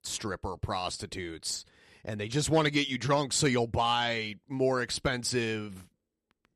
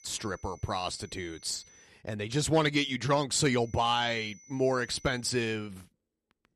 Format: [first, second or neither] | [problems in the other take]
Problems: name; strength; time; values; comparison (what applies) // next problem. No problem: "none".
first | high-pitched whine; faint; until 2 s and from 3.5 to 5 s; 6 kHz, 25 dB below the speech